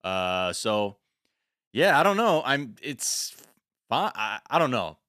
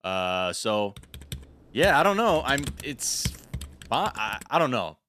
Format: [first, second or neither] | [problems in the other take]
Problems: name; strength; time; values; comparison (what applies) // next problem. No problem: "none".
first | keyboard typing; noticeable; from 1 to 4.5 s; peak 9 dB below the speech